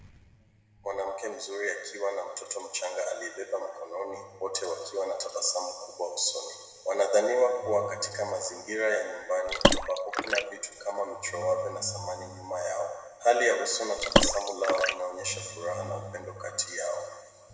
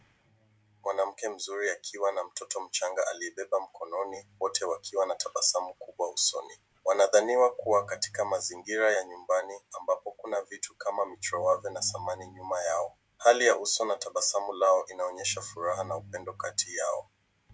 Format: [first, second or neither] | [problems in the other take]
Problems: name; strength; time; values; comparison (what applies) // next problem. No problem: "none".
second | background sound (Water / Splash, splatter); 2 dB above the speech // room echo; dies away in 1.8 s